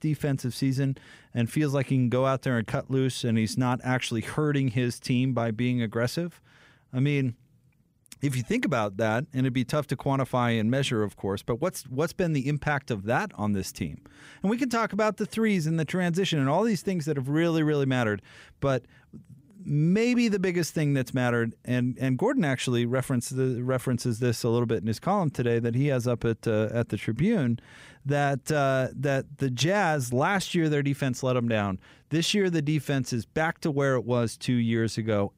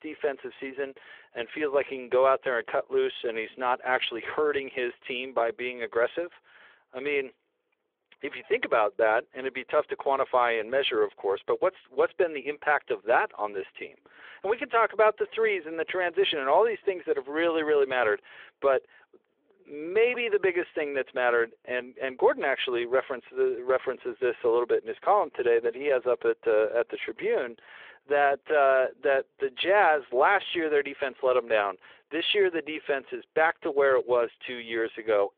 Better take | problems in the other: first | phone-call audio; nothing above 3.5 kHz

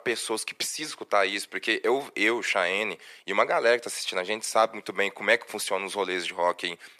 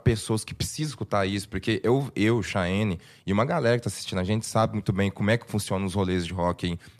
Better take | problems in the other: second | thin; very; fading below 400 Hz

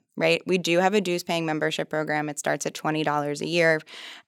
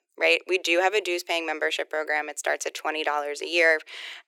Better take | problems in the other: first | thin; very; fading below 350 Hz

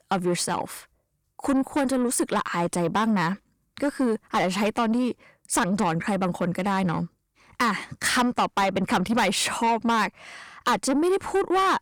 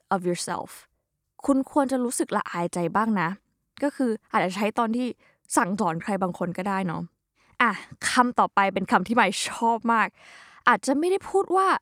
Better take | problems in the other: second | distortion; heavy; 7 dB below the speech

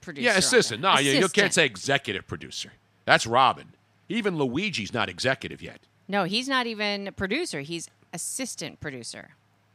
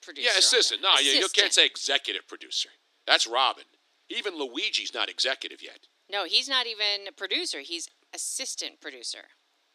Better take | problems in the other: first | thin; somewhat; fading below 300 Hz

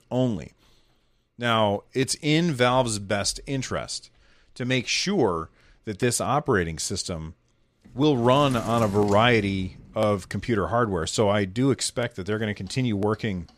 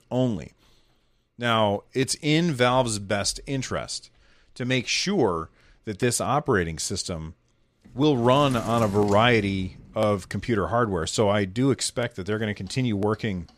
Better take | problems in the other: neither | household noises; noticeable; from 8 s on; 20 dB below the speech; the same in both

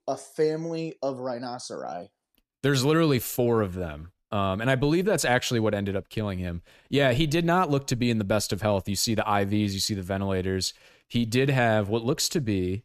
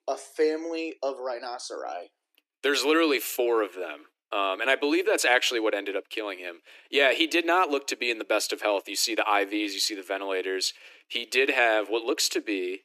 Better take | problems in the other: first | thin; very; fading below 300 Hz

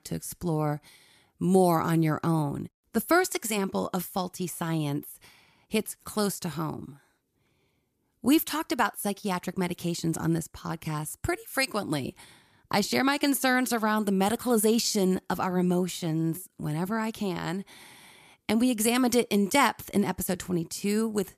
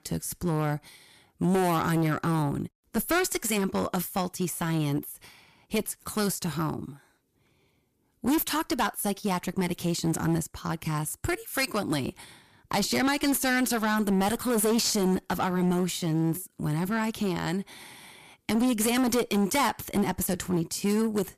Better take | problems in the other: first | distortion; heavy; 12% of the sound clipped

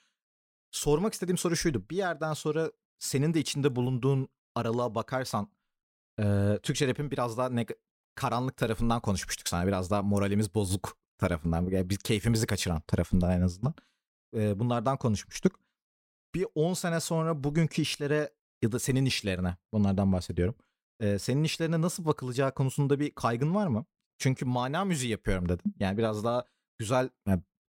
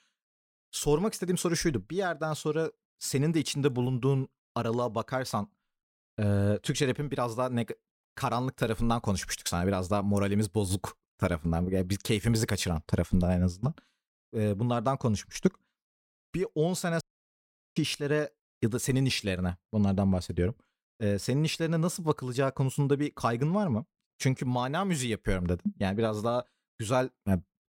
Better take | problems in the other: first | audio cutting out; at 17 s for 1 s

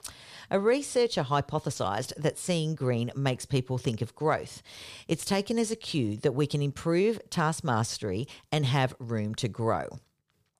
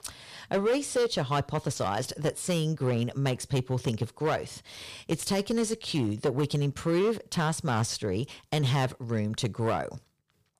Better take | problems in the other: first | distortion; slight; 7% of the sound clipped

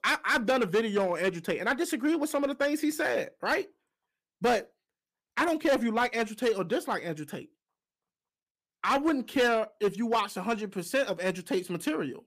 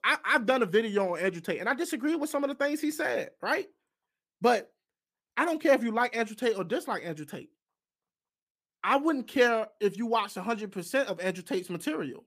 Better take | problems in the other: second | distortion; slight; 4% of the sound clipped

